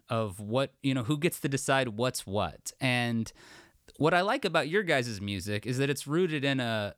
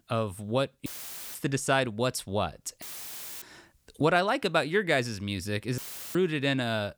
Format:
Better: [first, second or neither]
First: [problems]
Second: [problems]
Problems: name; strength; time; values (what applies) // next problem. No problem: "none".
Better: first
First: none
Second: audio cutting out; filled with static; at 1 s, at 3 s for 0.5 s and at 6 s